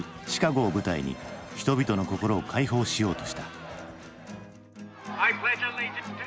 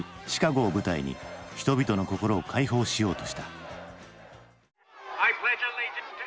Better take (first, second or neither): second